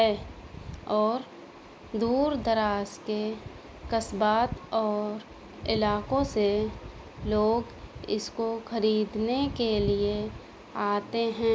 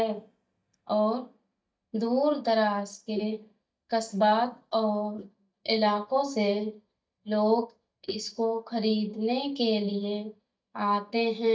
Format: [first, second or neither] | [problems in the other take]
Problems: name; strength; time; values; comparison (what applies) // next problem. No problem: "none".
first | noise reduction (neural mask model DeepFilterNet 3)